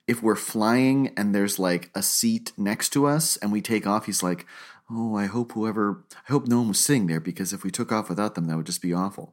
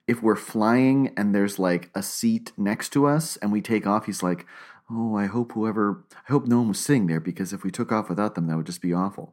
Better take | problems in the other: first | muffled; slightly; fading above 3 kHz

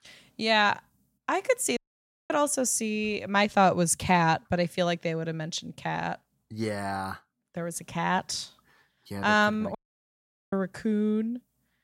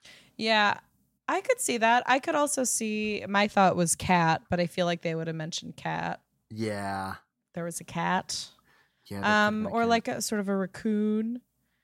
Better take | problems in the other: second | audio cutting out; at 2 s for 0.5 s and at 10 s for 1 s

